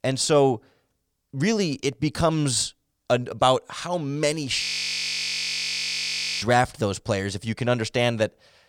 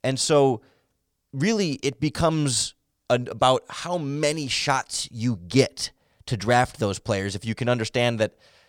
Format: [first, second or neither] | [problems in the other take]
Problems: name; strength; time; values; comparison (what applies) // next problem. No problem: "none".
second | audio freezing; at 4.5 s for 2 s